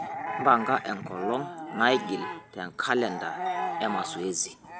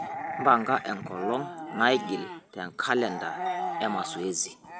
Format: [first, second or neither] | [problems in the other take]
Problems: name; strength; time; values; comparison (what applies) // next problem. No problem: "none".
second | background sound (Alarm / Truck); 14 dB below the speech